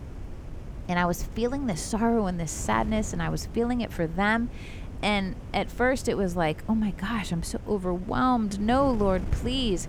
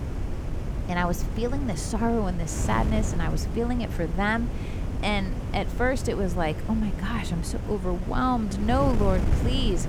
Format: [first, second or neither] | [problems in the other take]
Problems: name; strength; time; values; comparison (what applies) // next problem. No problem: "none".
first | wind noise on the microphone; heavy; 10 dB below the speech; occasional gusts in the first